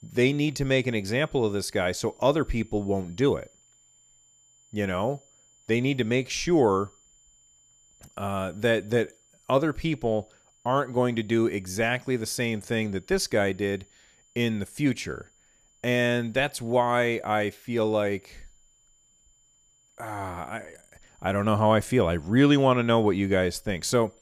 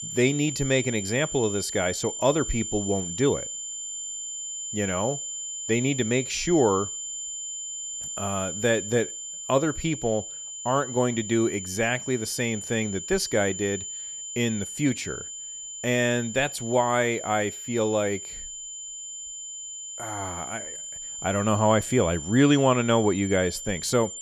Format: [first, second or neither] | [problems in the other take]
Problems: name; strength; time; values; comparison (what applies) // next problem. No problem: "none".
first | high-pitched whine; loud; throughout; 7 kHz, 7 dB below the speech; faint in the first